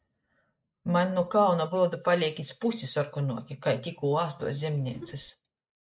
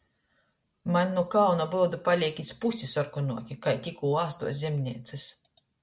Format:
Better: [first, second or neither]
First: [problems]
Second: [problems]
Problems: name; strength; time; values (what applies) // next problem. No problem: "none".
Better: second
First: noise reduction (neural mask model Resemble Enhance denoiser)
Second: none